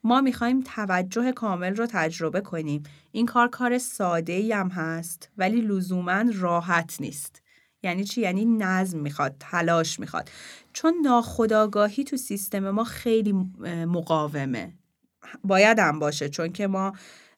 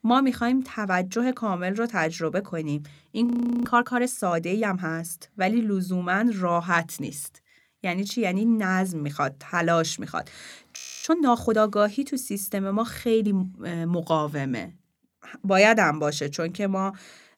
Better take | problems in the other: first | audio freezing; at 3.5 s and at 11 s

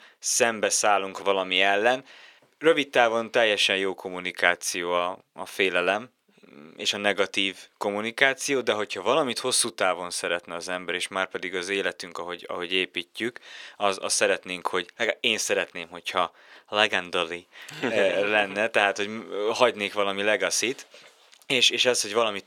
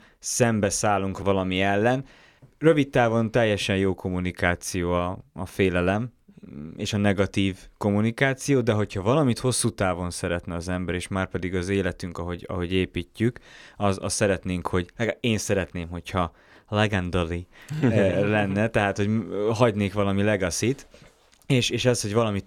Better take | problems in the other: second | thin; somewhat; fading below 500 Hz

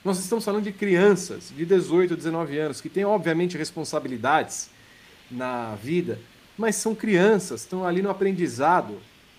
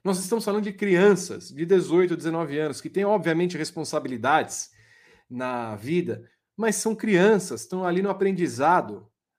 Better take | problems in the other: second | hiss; faint; throughout; 25 dB below the speech

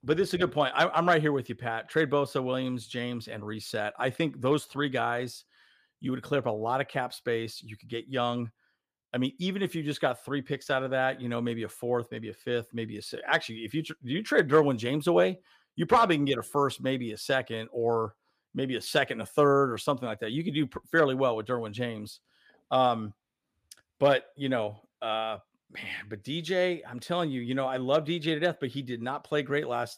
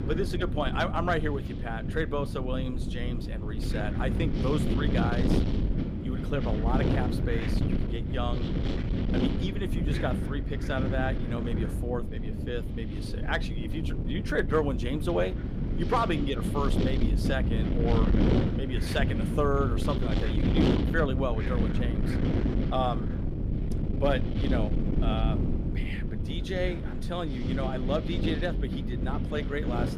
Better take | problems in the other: first | wind noise on the microphone; heavy; 4 dB below the speech

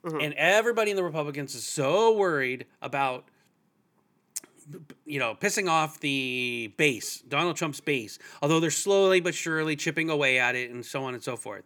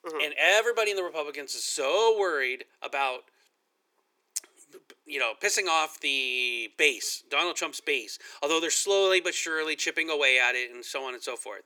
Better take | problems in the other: first | thin; very; fading below 400 Hz

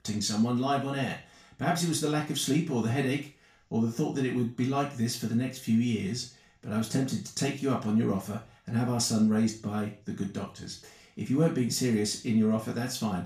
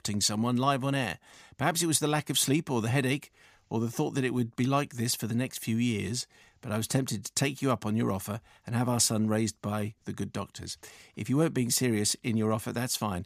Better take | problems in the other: second | room echo; slight; dies away in 0.3 s // off-mic speech; far

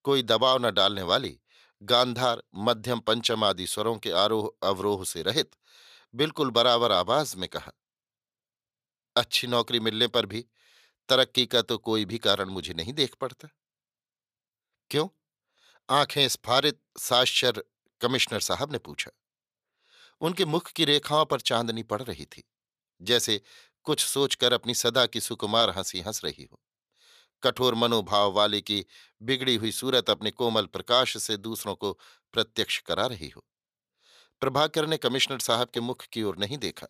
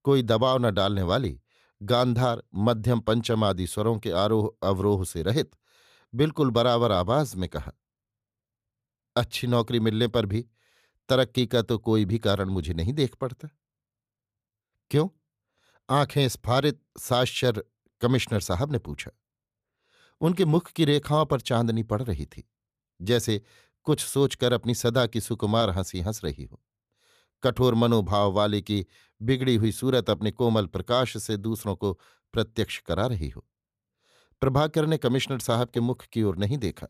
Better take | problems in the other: second | thin; somewhat; fading below 650 Hz

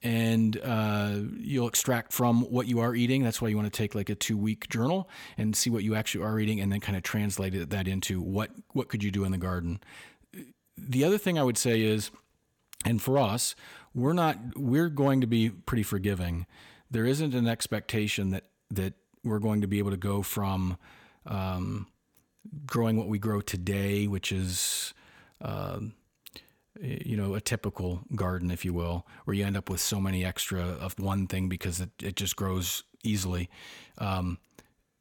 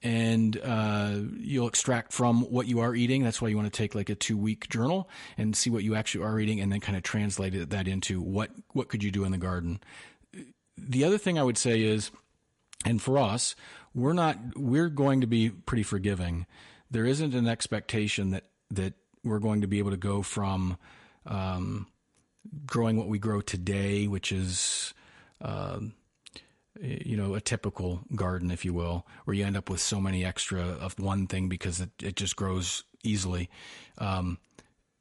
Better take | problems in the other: first | garbled, watery; slightly; nothing above 11 kHz

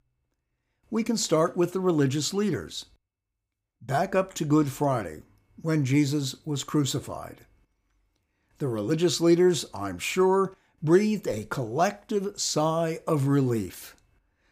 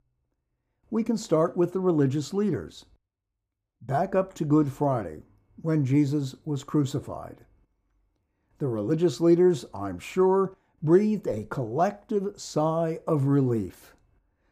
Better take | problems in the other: first | muffled; slightly; fading above 1.5 kHz

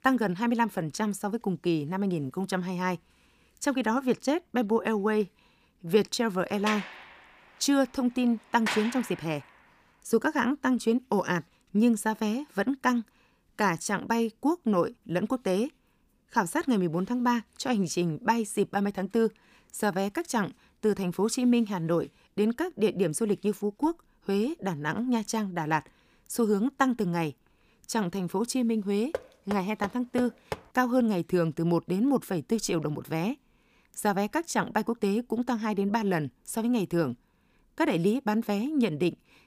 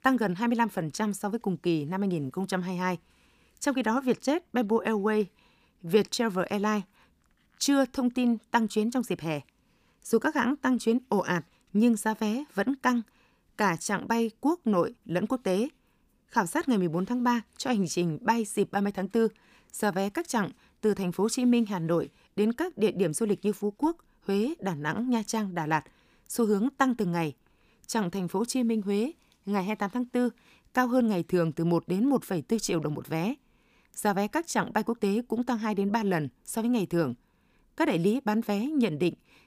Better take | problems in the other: second | door banging; noticeable; from 6.5 to 9 s; peak 3 dB below the speech // door banging; faint; from 29 to 31 s; peak 10 dB below the speech

